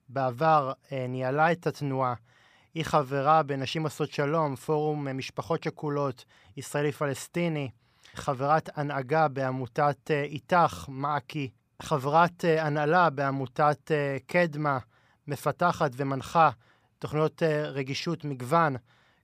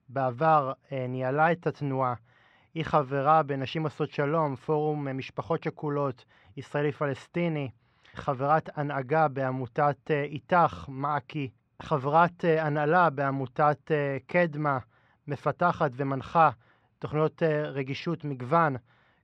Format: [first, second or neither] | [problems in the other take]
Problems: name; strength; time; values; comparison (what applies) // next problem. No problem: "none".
first | muffled; slightly; fading above 3 kHz